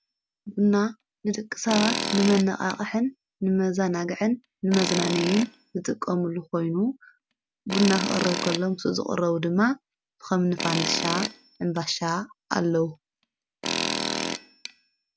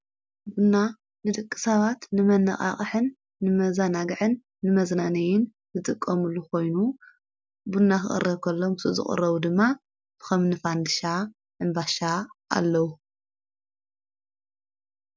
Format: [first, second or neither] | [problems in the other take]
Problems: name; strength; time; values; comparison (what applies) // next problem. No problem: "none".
second | background sound (Tools); 8 dB below the speech